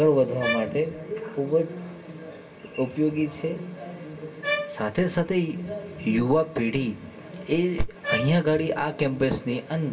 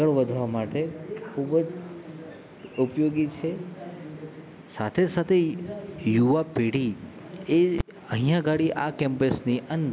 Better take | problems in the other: second | background sound (Bowed string instrument); 7 dB below the speech // room echo; dies away in 0.1 s

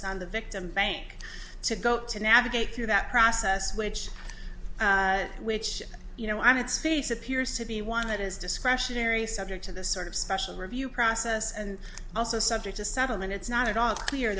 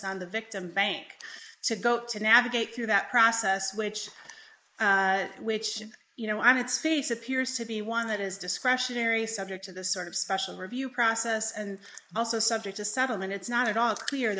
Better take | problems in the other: first | noise reduction (neural mask model Resemble Enhance denoiser)

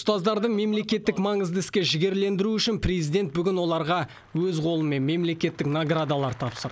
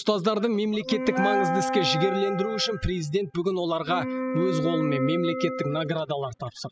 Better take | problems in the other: first | noise reduction (classical method spectral subtraction)

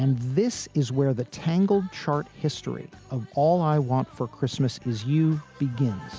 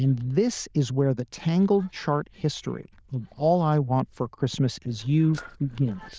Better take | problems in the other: first | noise reduction (neural diffusion model UNIVERSE++)

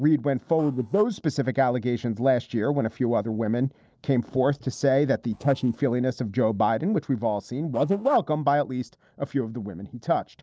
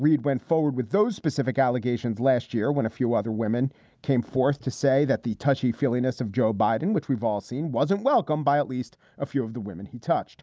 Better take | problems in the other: second | noise reduction (neural separator model SepFormer DNS4)

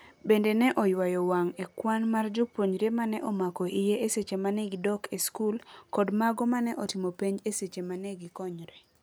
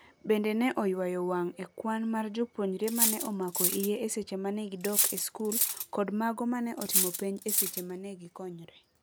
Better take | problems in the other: first | background sound (Cutlery, silverware); 1 dB above the speech

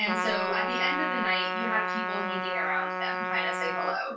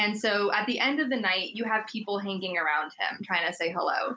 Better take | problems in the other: second | background sound (Trumpet); 1 dB above the speech // room echo; dies away in 0.2 s

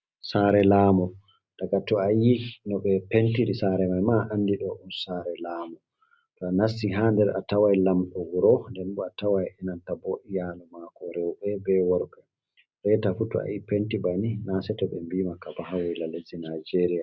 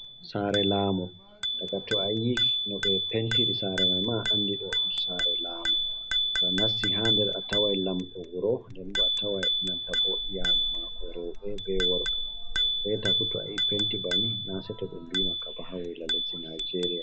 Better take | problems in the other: first | background sound (Bicycle bell); 3 dB above the speech

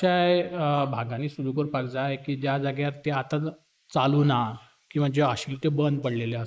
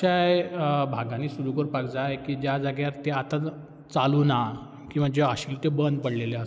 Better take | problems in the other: second | noise reduction (neural mask model Resemble Enhance denoiser)

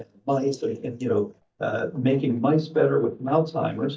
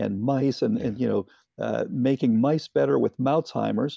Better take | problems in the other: second | noise reduction (neural mask model DeepFilterNet 3)

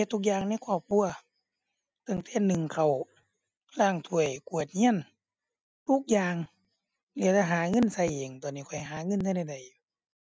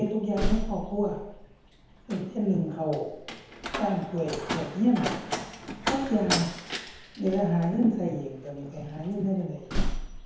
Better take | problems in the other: first | background sound (Slam); 4 dB below the speech // room echo; dies away in 1 s

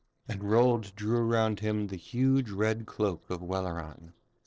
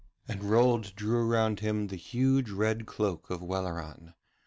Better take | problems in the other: second | noise reduction (neural separator model SepFormer DNS4)

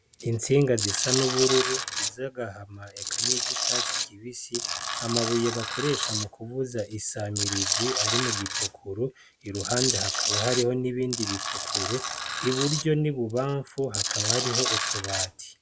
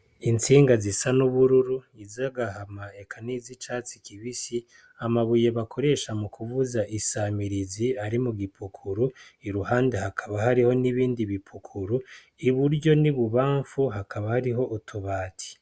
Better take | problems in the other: second | background sound (Tools); 1 dB below the speech

